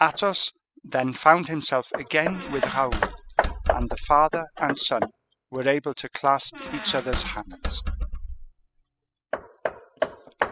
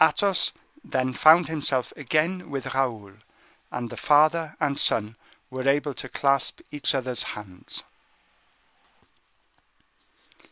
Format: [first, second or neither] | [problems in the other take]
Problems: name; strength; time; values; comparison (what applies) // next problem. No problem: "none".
second | noise reduction (classical method spectral subtraction)